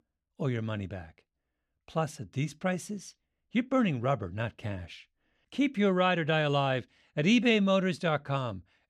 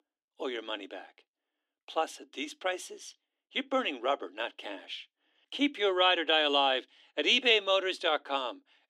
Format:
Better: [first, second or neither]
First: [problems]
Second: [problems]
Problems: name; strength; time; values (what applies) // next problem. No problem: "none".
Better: first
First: none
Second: thin; somewhat; fading below 300 Hz